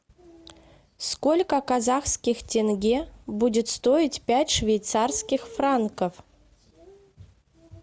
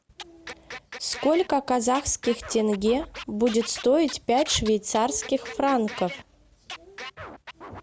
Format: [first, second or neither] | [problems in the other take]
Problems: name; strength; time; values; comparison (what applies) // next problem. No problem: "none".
first | background sound (Scratching (performance technique)); 16 dB below the speech